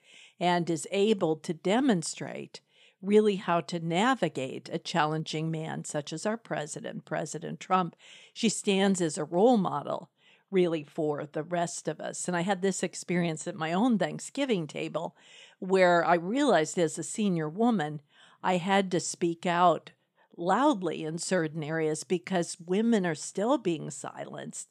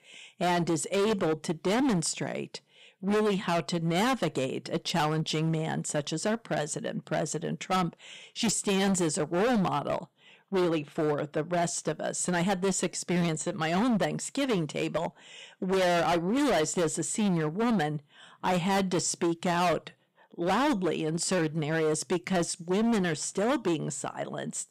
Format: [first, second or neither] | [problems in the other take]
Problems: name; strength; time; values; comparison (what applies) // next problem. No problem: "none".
first | distortion; heavy; 17% of the sound clipped